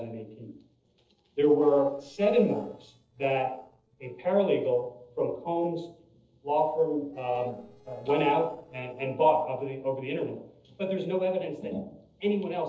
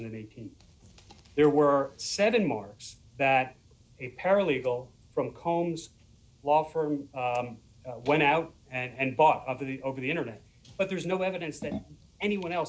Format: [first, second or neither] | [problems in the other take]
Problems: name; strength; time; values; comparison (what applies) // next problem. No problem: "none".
second | noise reduction (neural separator model SepFormer DNS4)